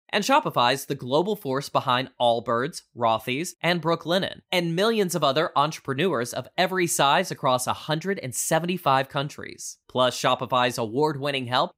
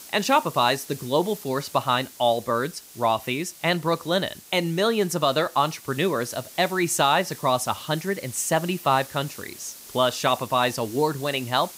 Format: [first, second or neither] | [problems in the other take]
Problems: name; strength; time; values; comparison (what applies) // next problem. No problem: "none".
first | hiss; noticeable; throughout; 15 dB below the speech